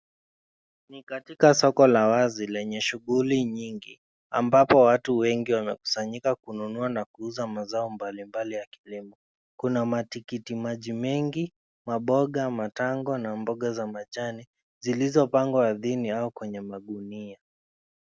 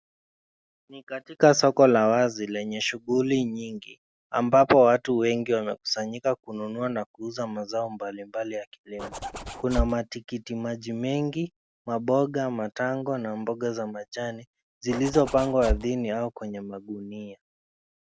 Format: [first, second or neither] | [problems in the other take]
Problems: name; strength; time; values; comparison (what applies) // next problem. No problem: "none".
first | background sound (Zipper (clothing)); 4 dB below the speech